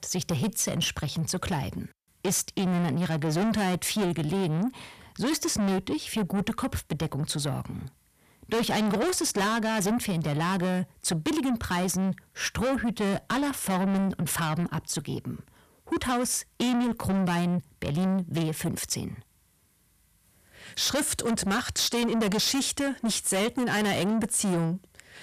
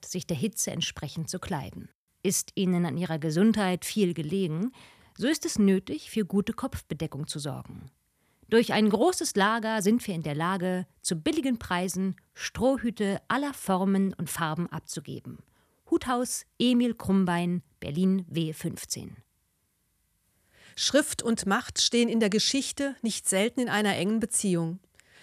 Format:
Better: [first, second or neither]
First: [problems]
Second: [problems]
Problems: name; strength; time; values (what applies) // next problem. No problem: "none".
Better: second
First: distortion; heavy; 6 dB below the speech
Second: none